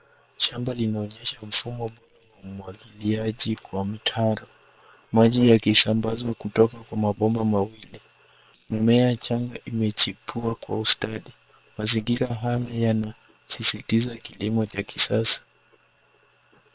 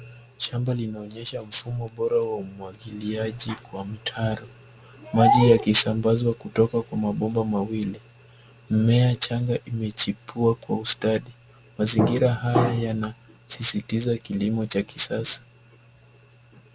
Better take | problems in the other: second | noise reduction (neural separator model SepFormer WHAM!)

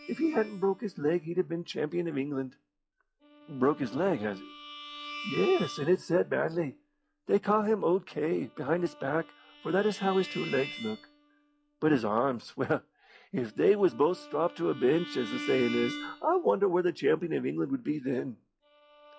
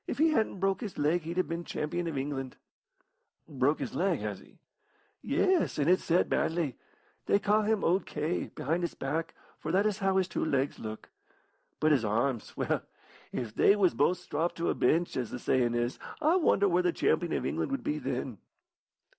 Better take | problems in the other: second | noise reduction (classical method log-MMSE)

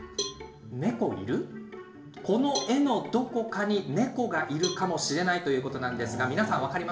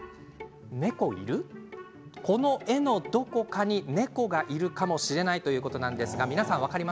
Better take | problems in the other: second | background sound (Cowbell); 13 dB below the speech // room echo; dies away in 0.5 s

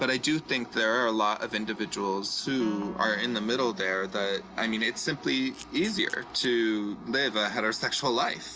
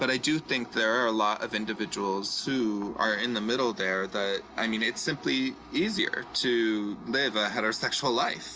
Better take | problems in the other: second | background sound (Camera + Wind instrument, woodwind instrument); 17 dB below the speech

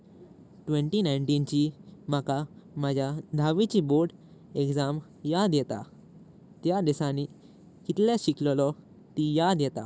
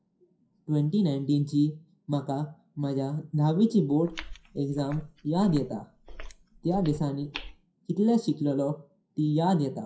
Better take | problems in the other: first | noise reduction (classical method WPE with log-MMSE)

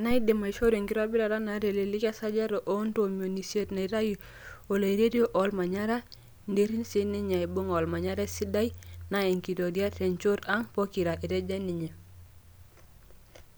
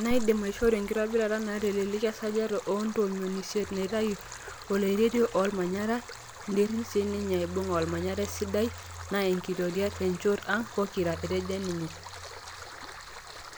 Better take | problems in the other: first | background sound (Stream); 15 dB below the speech

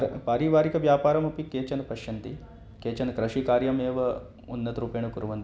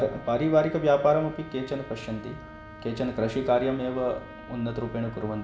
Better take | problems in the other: first | background sound (Trumpet); 18 dB below the speech // room echo; dies away in 0.6 s

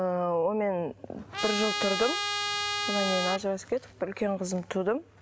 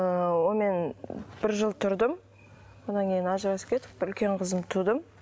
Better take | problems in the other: second | background sound (Trumpet); 1 dB below the speech

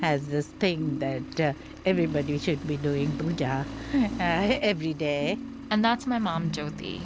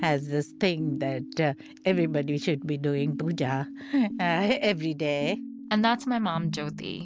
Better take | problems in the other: second | background sound (Accelerating, revving, vroom); 15 dB below the speech

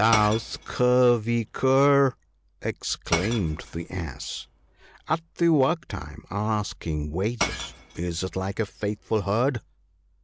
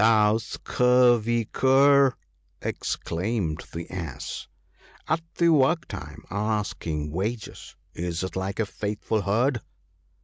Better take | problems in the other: second | background sound (Shatter / Crushing); 12 dB below the speech

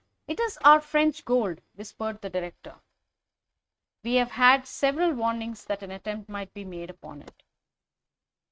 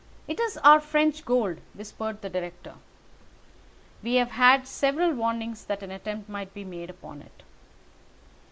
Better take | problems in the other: second | noise reduction (neural mask model RNNoise)

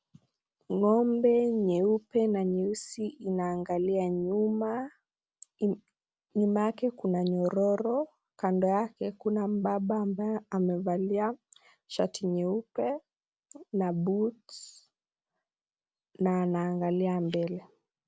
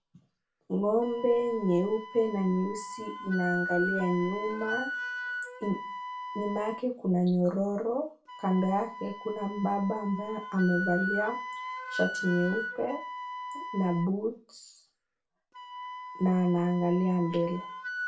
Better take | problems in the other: first | background sound (Wind instrument, woodwind instrument); 8 dB below the speech // room echo; dies away in 0.3 s

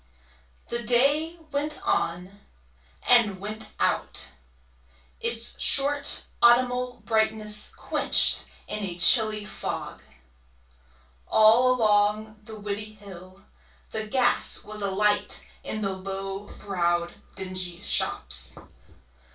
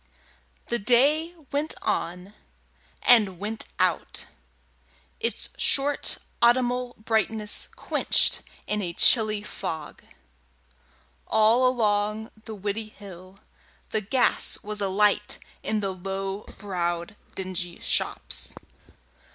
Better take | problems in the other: second | room echo; dies away in 0.2 s

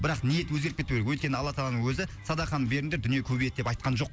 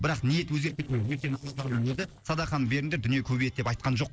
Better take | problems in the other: first | noise reduction (neural separator model SepFormer DNS4)

